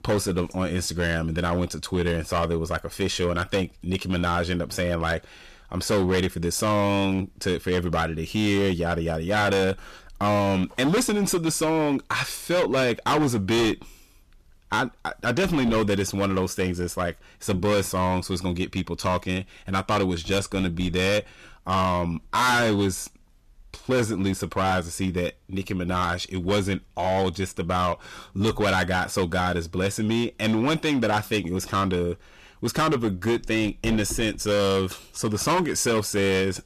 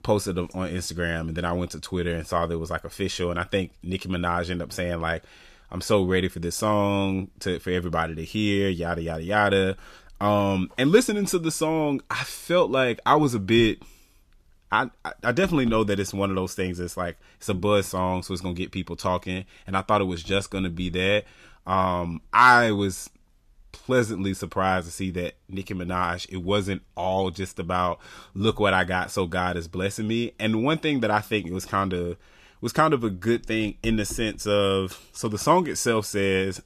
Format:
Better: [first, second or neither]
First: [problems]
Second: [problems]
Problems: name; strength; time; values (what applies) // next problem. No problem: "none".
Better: second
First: distortion; heavy; 12% of the sound clipped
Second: none